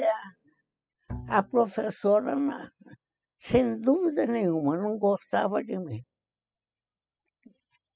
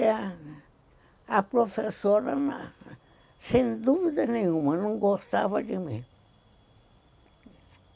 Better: second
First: noise reduction (classical method spectral subtraction)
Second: none

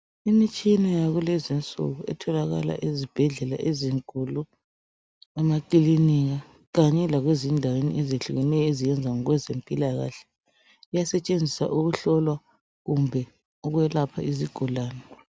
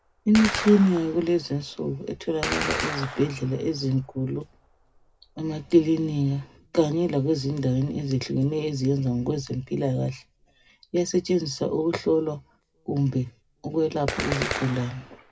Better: first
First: none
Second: background sound (Gunshot, gunfire); 12 dB below the speech // room echo; dies away in 0.2 s

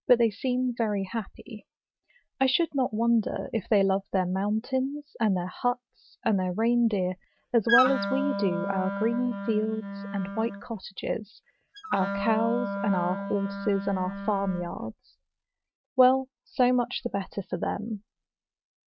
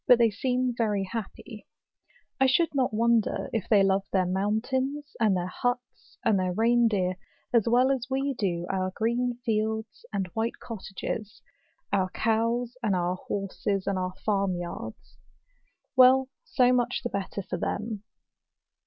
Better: second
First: noise reduction (neural mask model RNNoise)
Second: none

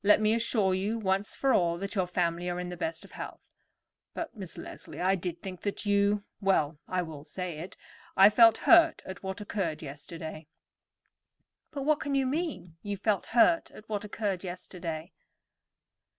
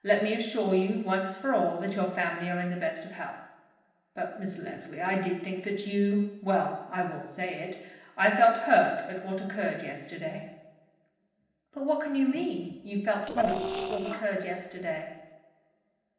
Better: first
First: none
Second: noise reduction (neural separator model SepFormer DNS4)

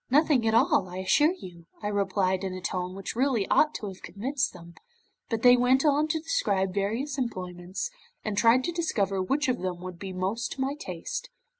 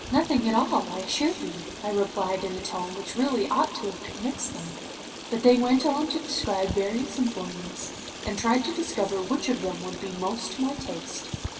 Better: first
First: none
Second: background sound (Stream); 11 dB below the speech // room echo; dies away in 2.1 s

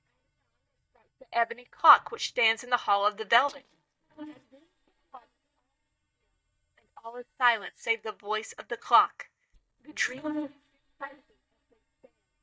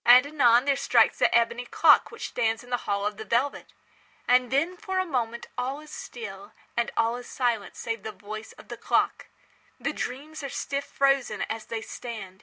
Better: second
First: noise reduction (neural mask model DeepFilterNet 3)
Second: none

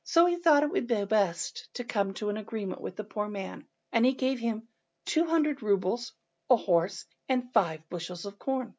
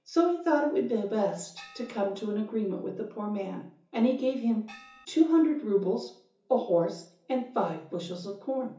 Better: first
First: none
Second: background sound (Gong); 20 dB below the speech // room echo; dies away in 0.7 s

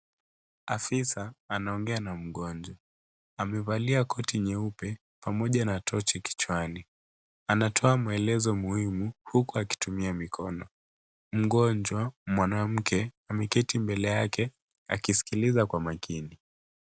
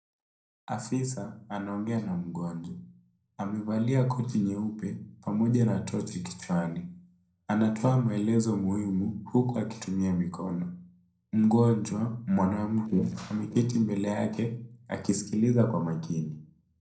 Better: first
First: none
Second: noise reduction (neural separator model SepFormer DNS4)

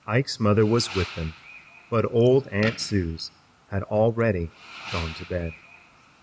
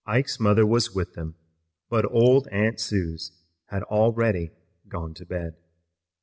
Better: second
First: background sound (Fireworks); 17 dB below the speech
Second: none

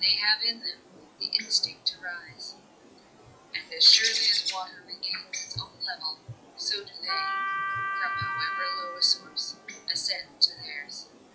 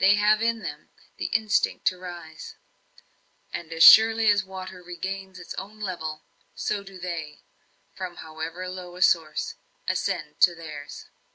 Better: second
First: noise reduction (classical method log-MMSE)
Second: none

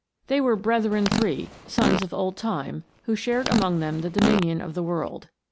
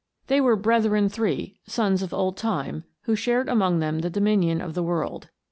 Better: second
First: background sound (Fart); 4 dB below the speech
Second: none

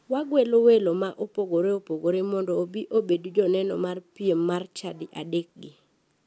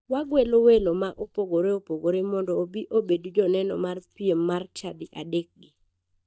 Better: first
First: none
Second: noise reduction (neural mask model DeepFilterNet 3)

